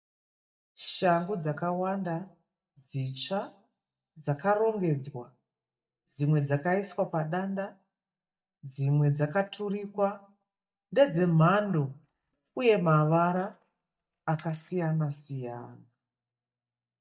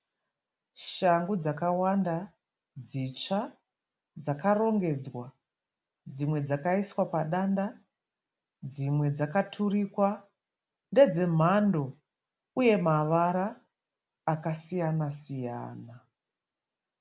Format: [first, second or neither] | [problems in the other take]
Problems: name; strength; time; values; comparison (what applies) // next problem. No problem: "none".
second | noise reduction (neural mask model DeepFilterNet 3)